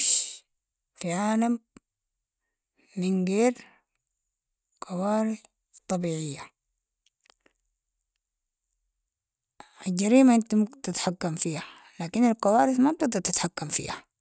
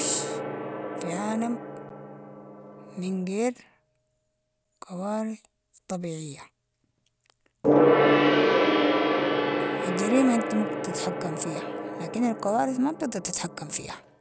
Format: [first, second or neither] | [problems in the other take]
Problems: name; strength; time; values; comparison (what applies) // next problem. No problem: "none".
first | background sound (Gong); 3 dB above the speech